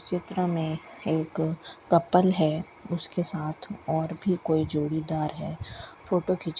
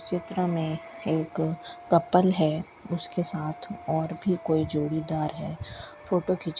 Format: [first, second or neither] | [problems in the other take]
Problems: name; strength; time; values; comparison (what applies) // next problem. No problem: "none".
first | background sound (Wind instrument, woodwind instrument); 19 dB below the speech